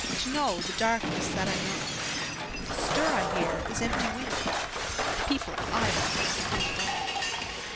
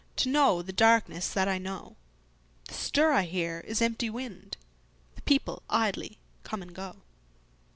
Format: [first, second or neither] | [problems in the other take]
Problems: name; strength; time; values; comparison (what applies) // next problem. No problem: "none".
second | background sound (Shatter); 3 dB above the speech